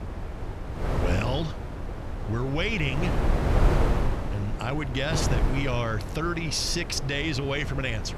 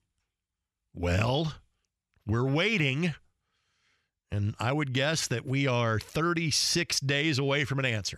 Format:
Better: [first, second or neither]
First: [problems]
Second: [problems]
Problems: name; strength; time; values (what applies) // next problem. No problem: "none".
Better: second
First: wind noise on the microphone; heavy; 5 dB below the speech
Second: none